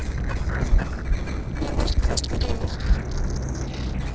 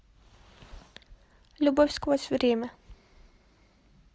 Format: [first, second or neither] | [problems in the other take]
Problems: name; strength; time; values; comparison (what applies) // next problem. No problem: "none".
second | noise reduction (neural separator model SepFormer DNS4)